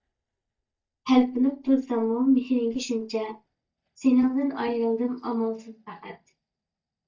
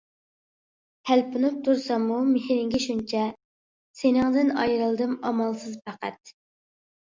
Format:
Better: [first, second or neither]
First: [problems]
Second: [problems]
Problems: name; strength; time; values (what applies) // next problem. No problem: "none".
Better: second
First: noise reduction (neural mask model DeepFilterNet 3)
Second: none